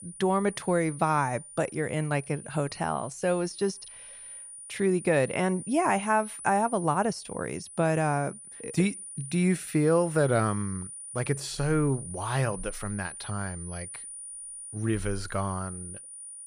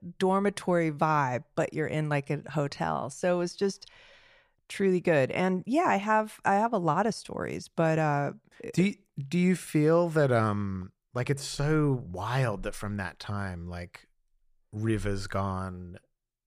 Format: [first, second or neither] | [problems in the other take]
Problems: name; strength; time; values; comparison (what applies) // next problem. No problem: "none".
second | high-pitched whine; noticeable; throughout; 9.5 kHz, 10 dB below the speech